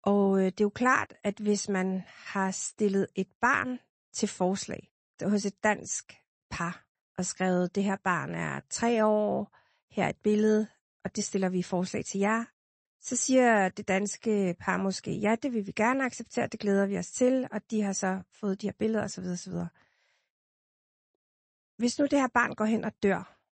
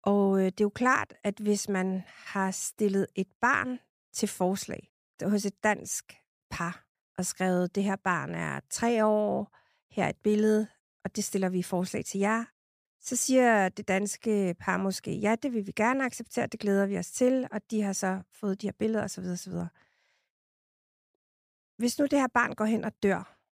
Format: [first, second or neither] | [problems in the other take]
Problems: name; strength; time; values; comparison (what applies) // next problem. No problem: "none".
second | garbled, watery; slightly; nothing above 8 kHz